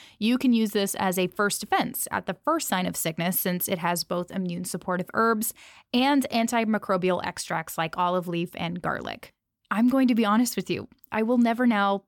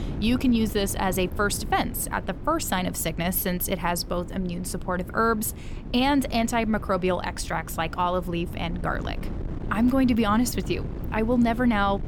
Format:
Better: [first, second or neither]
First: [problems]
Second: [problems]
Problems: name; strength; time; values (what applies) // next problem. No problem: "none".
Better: first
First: none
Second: wind noise on the microphone; occasional gusts; 15 dB below the speech